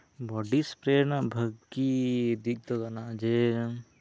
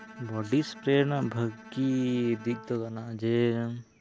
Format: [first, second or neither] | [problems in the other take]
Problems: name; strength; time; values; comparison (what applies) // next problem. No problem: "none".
first | background sound (Bowed string instrument); 19 dB below the speech